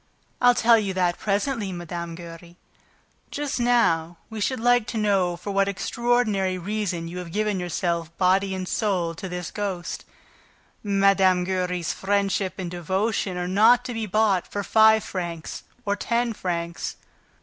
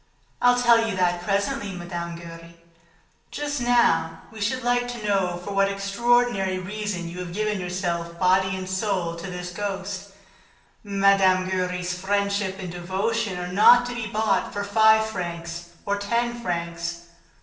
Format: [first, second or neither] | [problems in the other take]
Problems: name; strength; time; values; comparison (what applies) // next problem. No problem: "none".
first | room echo; dies away in 0.7 s